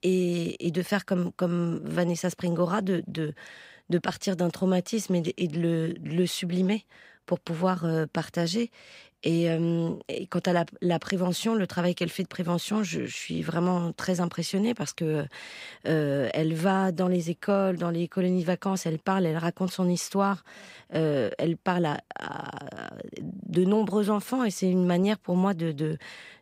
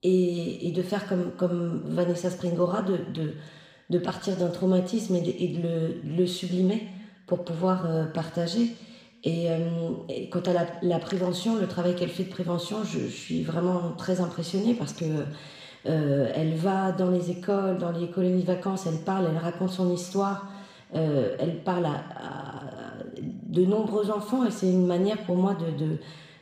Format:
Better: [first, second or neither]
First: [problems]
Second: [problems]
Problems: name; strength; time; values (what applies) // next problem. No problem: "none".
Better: first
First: none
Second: room echo; slight; dies away in 1 s // off-mic speech; somewhat distant